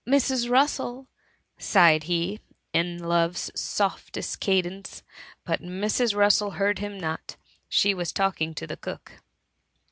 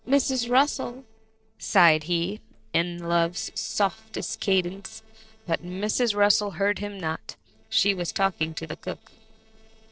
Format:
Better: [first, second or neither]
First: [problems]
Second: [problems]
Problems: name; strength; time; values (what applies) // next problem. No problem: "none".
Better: first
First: none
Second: noise reduction (neural separator model SepFormer DNS4)